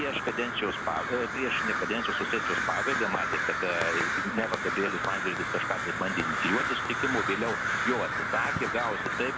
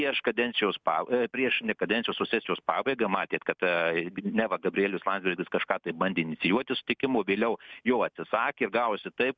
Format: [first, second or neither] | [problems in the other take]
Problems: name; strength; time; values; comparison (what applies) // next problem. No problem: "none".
second | background sound (Crow); 2 dB above the speech